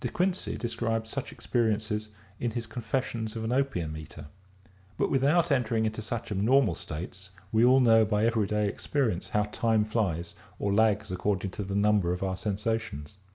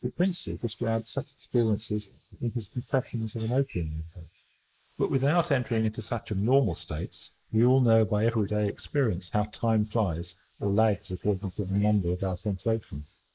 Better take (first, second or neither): first